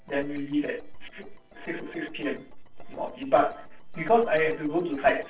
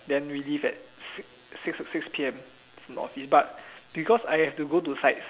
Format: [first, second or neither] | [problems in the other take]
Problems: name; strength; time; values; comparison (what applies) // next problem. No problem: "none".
second | noise reduction (neural separator model SepFormer DNS4)